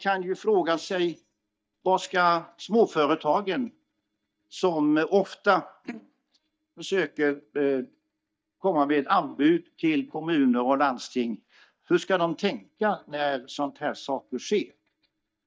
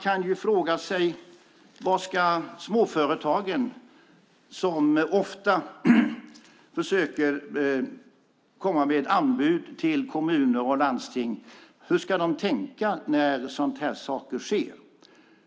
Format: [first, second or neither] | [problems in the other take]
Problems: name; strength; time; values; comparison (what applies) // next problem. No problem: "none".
second | noise reduction (neural mask model DeepFilterNet 3)